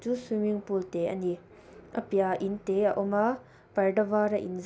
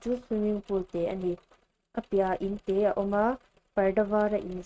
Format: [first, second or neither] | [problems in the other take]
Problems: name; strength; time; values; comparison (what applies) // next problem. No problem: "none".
first | noise reduction (neural mask model RNNoise)